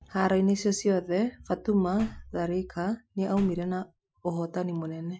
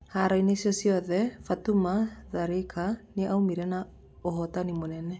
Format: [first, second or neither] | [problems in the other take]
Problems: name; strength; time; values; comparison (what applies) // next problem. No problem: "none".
second | noise reduction (classical method Wiener filter)